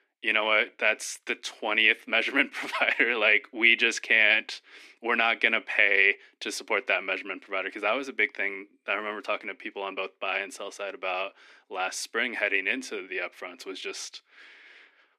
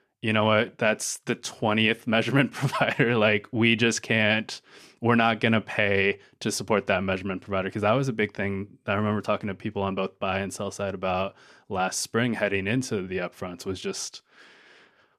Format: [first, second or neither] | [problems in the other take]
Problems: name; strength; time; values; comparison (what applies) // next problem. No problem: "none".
second | thin; somewhat; fading below 300 Hz